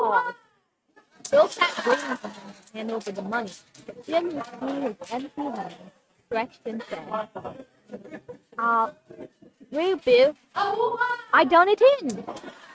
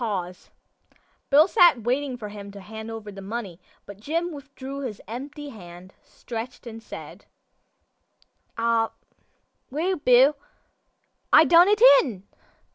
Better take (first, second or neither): second